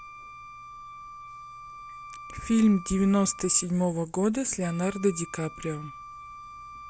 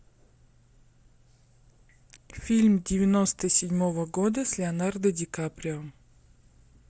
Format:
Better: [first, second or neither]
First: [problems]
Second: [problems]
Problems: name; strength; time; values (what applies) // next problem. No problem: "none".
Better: second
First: background sound (Wind instrument, woodwind instrument); 16 dB below the speech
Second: none